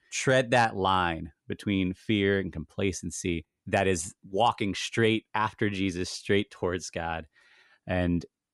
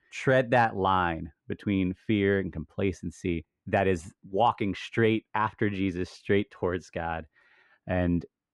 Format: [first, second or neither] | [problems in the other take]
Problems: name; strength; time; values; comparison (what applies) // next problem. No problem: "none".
first | muffled; slightly; fading above 3.5 kHz